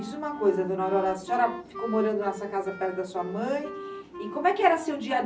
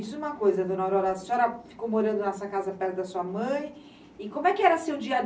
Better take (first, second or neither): second